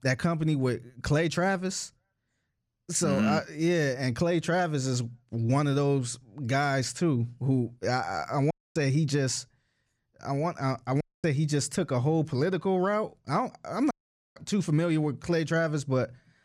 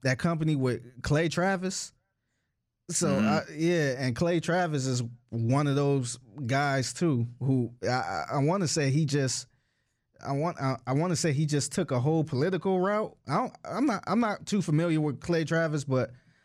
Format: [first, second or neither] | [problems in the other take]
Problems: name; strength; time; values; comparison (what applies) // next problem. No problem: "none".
second | audio cutting out; at 8.5 s, at 11 s and at 14 s